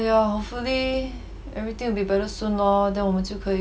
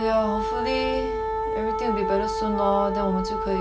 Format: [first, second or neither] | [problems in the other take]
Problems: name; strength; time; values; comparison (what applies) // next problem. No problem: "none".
first | background sound (Wind instrument, woodwind instrument); 1 dB below the speech